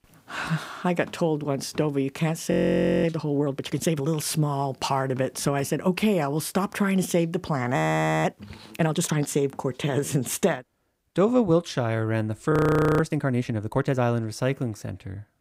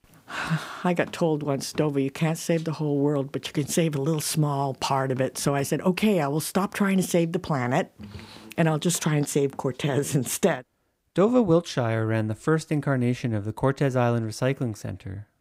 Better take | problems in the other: second | audio freezing; at 2.5 s for 0.5 s, at 8 s and at 13 s

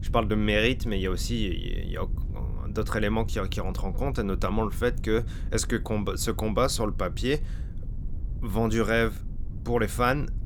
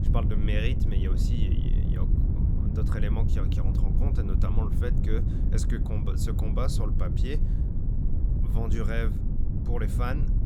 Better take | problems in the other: first | wind noise on the microphone; heavy; 3 dB below the speech; occasional gusts in the first

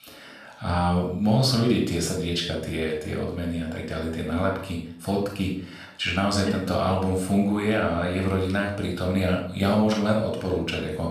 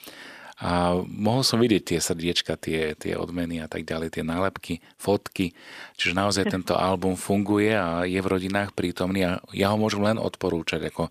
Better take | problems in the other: second | off-mic speech; somewhat distant // room echo; noticeable; dies away in 0.5 s

